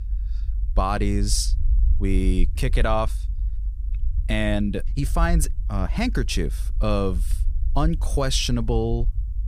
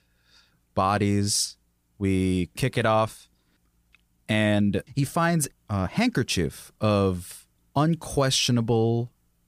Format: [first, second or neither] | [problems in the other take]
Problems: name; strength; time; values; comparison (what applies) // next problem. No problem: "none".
second | low rumble; faint; throughout; 20 dB below the speech